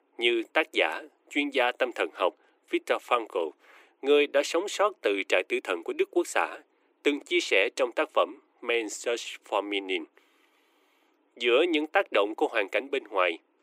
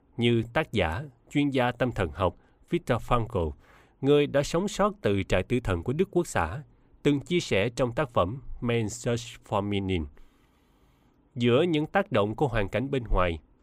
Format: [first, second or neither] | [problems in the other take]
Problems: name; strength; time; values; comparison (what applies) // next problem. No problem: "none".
second | thin; somewhat; fading below 300 Hz